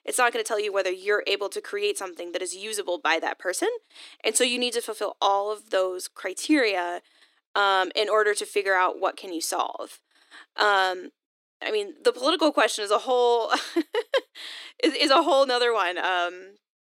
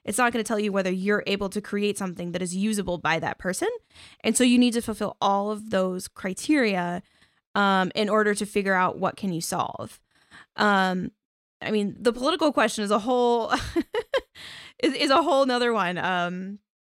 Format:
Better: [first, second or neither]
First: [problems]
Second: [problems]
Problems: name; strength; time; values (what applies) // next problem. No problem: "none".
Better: second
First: thin; somewhat; fading below 300 Hz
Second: none